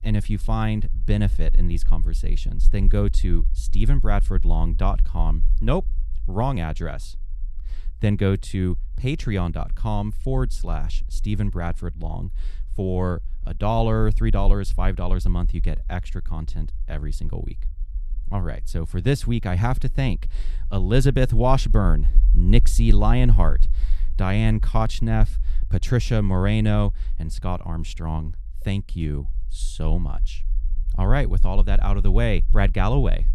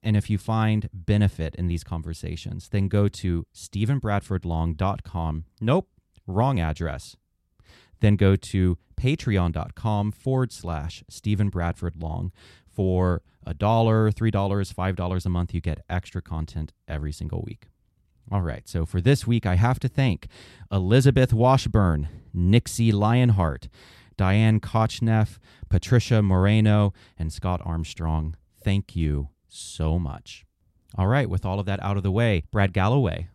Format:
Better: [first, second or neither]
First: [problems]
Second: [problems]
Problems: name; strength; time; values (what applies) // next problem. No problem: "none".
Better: second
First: low rumble; faint; throughout; 25 dB below the speech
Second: none